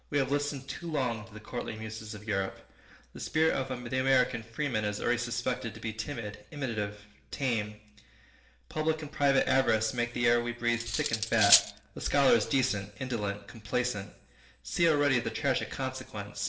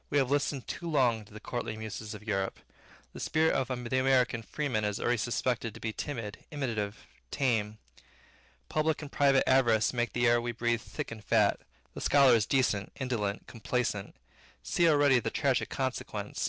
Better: second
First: background sound (Cutlery, silverware); 1 dB above the speech // room echo; dies away in 0.6 s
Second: none

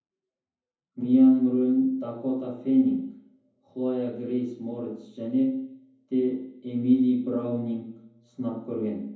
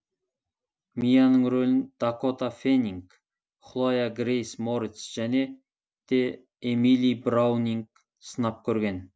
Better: second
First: room echo; dies away in 0.7 s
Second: none

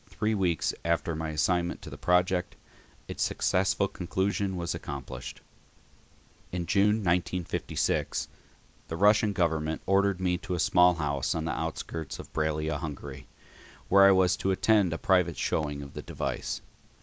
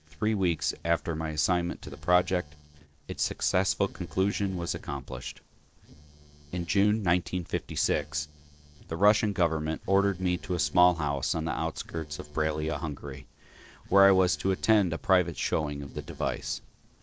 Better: first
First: none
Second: noise reduction (neural separator model SepFormer DNS4)

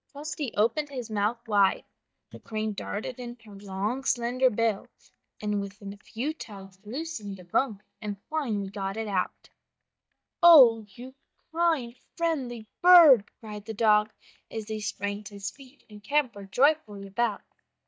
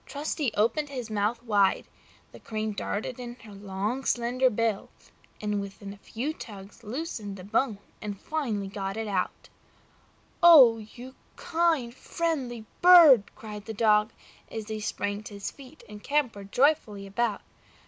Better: second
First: noise reduction (neural mask model DeepFilterNet 3)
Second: none

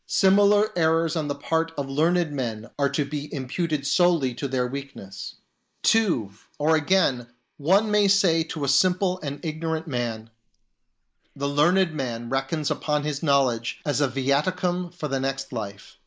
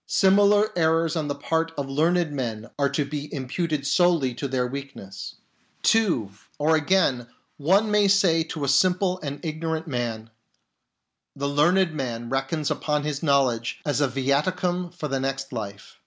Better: second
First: noise reduction (neural mask model Resemble Enhance denoiser)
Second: none

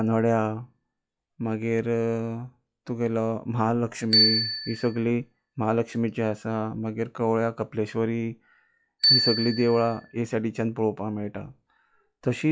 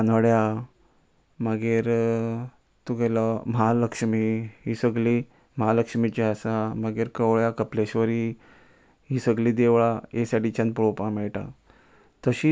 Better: second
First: noise reduction (classical method log-MMSE)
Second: none

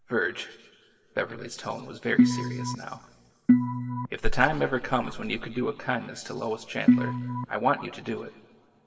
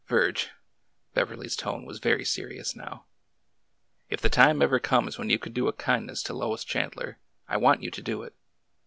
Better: second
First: background sound (Organ); 5 dB above the speech // room echo; dies away in 3 s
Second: none

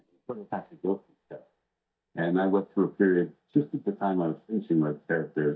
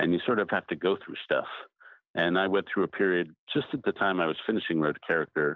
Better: second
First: noise reduction (neural mask model DeepFilterNet 3)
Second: none

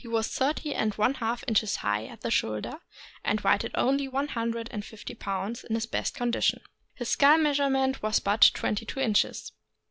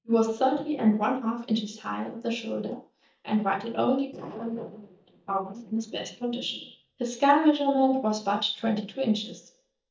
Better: first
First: none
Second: noise reduction (neural mask model DeepFilterNet 3)

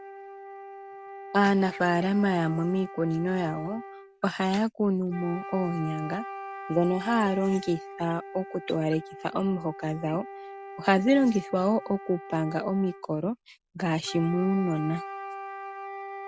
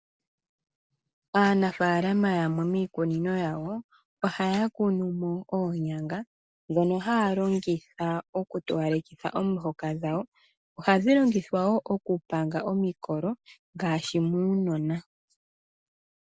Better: second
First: background sound (Wind instrument, woodwind instrument); 13 dB below the speech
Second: none

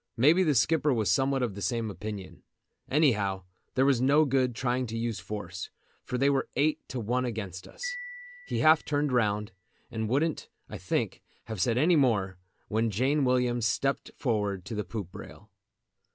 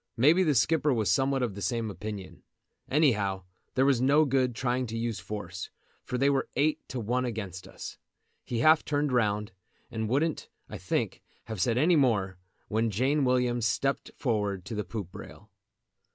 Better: second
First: background sound (Marimba, xylophone); 19 dB below the speech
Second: none

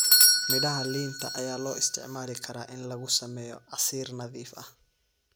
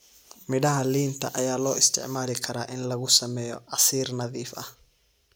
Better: second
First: background sound (Bell / Doorbell); 5 dB above the speech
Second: none

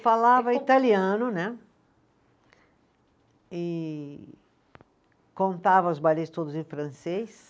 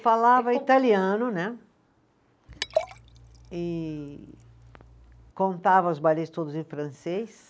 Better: first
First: none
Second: background sound (Liquid); 10 dB below the speech

